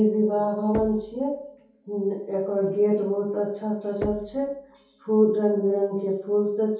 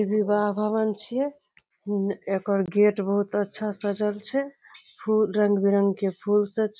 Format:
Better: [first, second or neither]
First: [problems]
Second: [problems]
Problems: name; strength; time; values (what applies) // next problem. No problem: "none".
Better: second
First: background sound (Knock); 18 dB below the speech // room echo; dies away in 0.6 s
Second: none